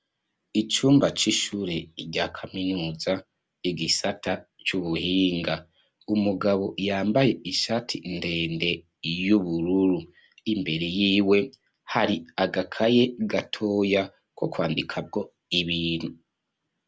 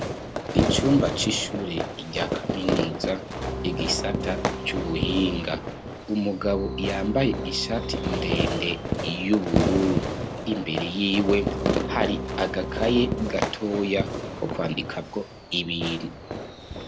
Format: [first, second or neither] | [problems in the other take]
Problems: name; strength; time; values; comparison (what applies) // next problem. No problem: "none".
first | background sound (Bowed string instrument + Fireworks); 1 dB below the speech